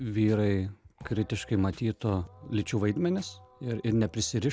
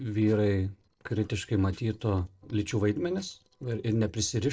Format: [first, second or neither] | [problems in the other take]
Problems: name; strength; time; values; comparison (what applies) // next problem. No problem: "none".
first | noise reduction (neural separator model SepFormer DNS4)